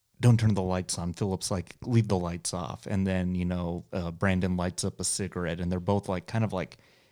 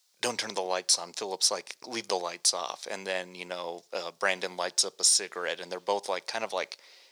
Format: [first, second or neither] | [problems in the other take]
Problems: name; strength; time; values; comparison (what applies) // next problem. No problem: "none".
first | thin; very; fading below 500 Hz